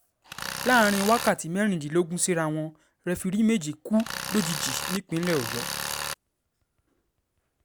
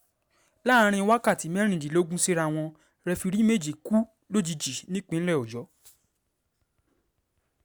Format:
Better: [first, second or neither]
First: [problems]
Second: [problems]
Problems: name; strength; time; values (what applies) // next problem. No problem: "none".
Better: second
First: background sound (Tools); 5 dB below the speech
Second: none